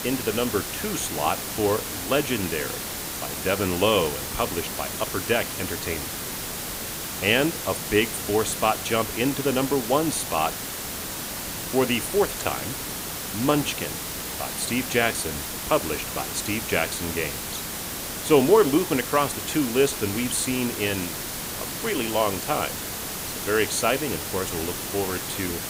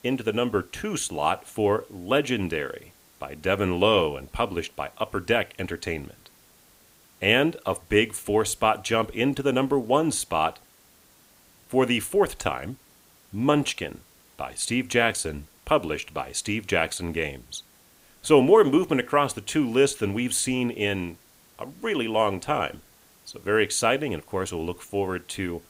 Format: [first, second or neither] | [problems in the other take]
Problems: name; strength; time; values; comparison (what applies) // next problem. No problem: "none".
second | hiss; loud; throughout; 4 dB below the speech; faint in the second